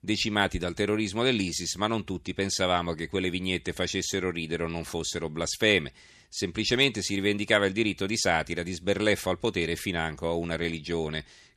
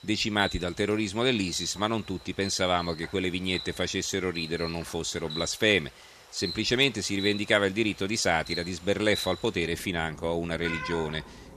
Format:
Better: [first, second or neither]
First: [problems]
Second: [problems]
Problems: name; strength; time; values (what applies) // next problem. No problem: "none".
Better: first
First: none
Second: animal sounds; noticeable; throughout; 10 dB below the speech